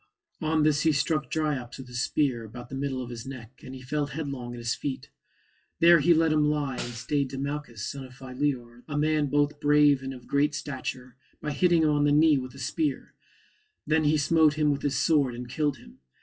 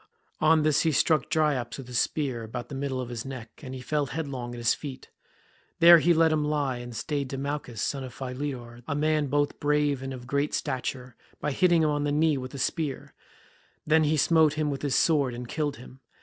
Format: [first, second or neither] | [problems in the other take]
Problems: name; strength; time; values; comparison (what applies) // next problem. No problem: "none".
second | noise reduction (classical method WPE with log-MMSE)